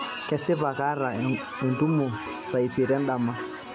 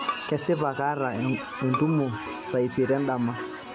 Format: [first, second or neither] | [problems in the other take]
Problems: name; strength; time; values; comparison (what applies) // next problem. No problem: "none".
first | background sound (Bowed string instrument); 13 dB below the speech